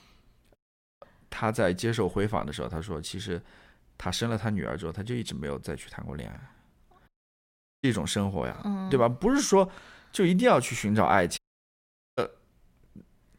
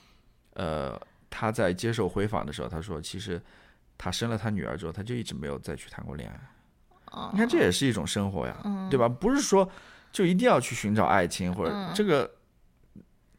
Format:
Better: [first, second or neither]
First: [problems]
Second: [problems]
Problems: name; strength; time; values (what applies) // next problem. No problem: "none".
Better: second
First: audio cutting out; at 0.5 s, at 7 s for 1 s and at 11 s for 1 s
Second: none